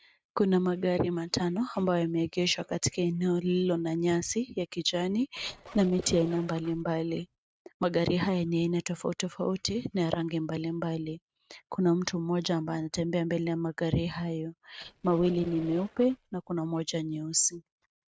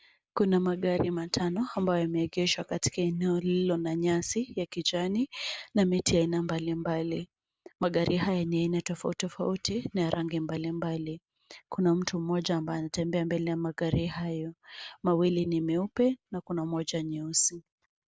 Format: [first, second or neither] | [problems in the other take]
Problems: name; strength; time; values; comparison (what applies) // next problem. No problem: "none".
second | noise reduction (neural mask model RNNoise)